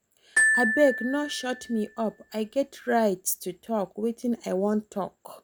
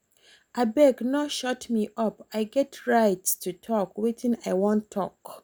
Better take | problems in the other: second | background sound (Glockenspiel); 2 dB below the speech

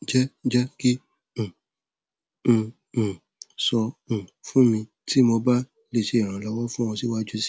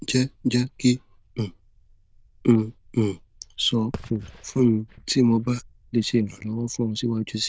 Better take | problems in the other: first | noise reduction (neural diffusion model UNIVERSE++)

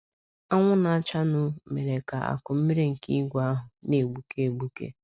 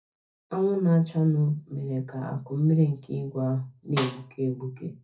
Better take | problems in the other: first | background sound (Snare drum); 11 dB below the speech // room echo; dies away in 0.3 s

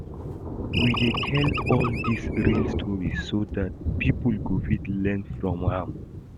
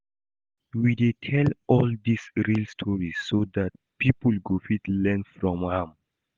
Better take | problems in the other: second | background sound (Thunder + Animal); 1 dB below the speech

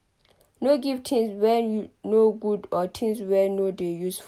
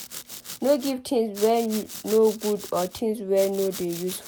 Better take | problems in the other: first | background sound (Domestic sounds, home sounds); 14 dB below the speech

